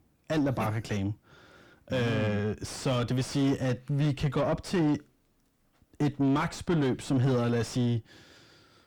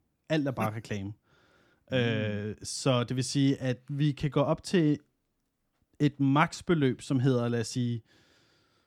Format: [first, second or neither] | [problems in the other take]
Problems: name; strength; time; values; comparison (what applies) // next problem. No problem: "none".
second | distortion; heavy; 6 dB below the speech